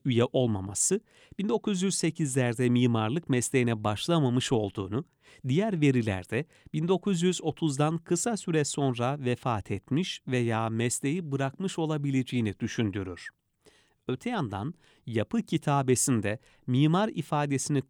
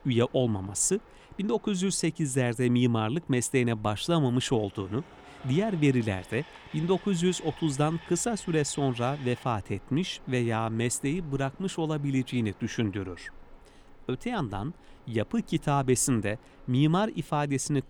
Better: first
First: none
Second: train or aircraft noise; faint; throughout; 25 dB below the speech

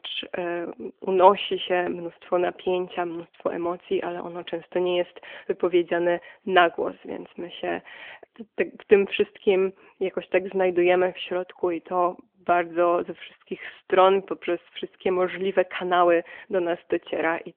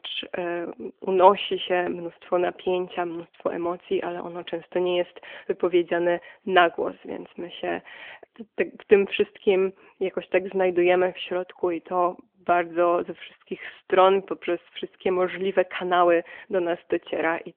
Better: neither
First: phone-call audio; nothing above 3.5 kHz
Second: phone-call audio; nothing above 3.5 kHz

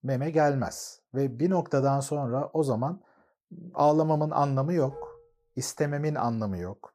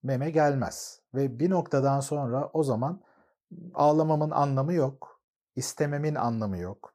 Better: second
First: clattering dishes; faint; at 5 s; peak 15 dB below the speech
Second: none

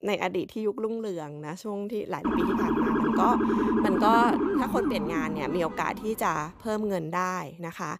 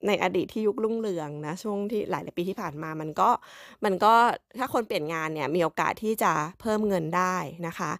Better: second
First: siren; loud; from 2 to 6 s; peak 5 dB above the speech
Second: none

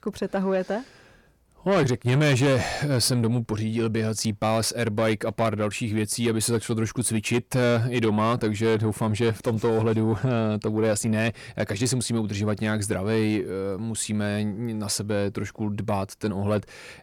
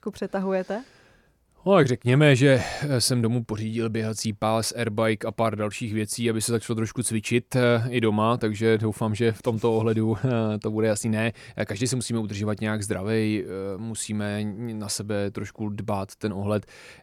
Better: second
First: distortion; slight; 10 dB below the speech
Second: none

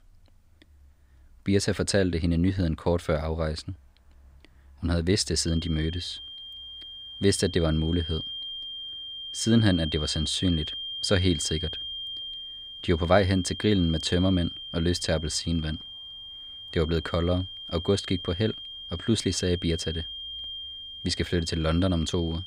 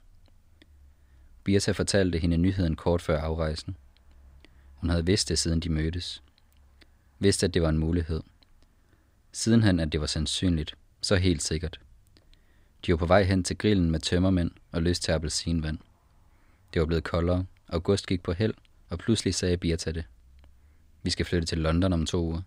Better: second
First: high-pitched whine; loud; from 5.5 s on; 3 kHz, 9 dB below the speech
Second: none

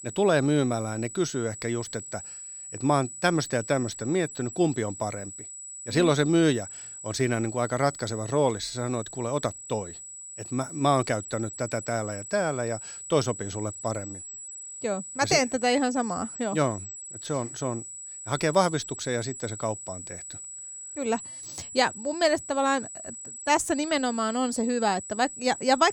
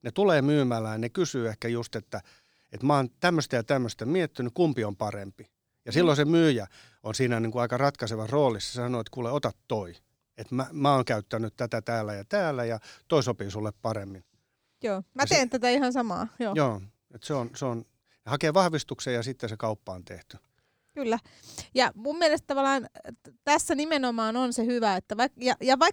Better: second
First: high-pitched whine; noticeable; throughout; 8 kHz, 10 dB below the speech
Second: none

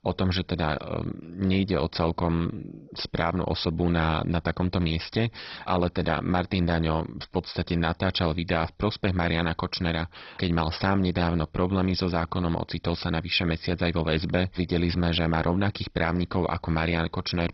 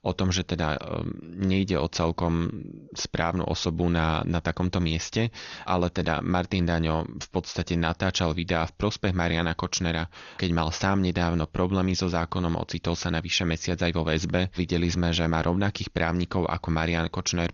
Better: second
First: garbled, watery; badly; nothing above 5.5 kHz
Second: garbled, watery; slightly; nothing above 6.5 kHz

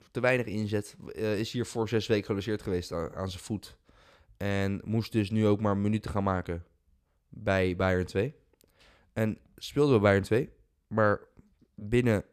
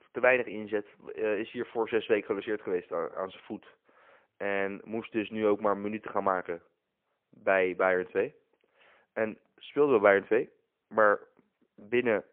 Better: first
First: none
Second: phone-call audio; poor line

